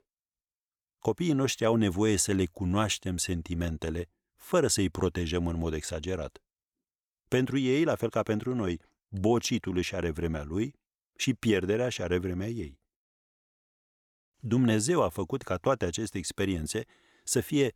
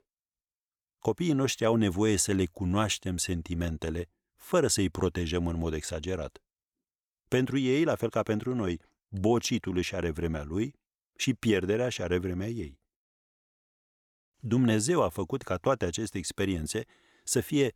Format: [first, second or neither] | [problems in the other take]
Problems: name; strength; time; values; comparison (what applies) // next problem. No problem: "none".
neither | none